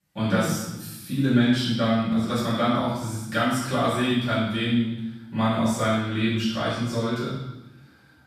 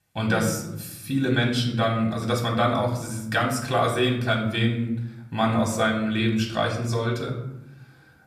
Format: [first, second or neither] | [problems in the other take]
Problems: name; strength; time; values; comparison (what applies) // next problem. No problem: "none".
second | room echo; strong; dies away in 0.9 s; slight in the second // off-mic speech; far; somewhat distant in the second